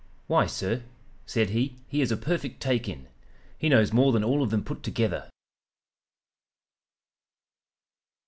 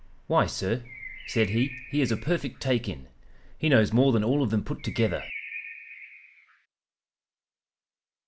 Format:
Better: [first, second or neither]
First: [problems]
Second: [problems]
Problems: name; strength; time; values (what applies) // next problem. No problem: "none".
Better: first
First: none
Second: background sound (Bird); 13 dB below the speech